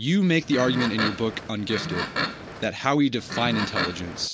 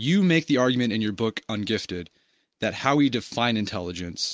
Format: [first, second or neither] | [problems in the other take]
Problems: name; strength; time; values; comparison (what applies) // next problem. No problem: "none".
second | background sound (Livestock, farm animals, working animals); 5 dB below the speech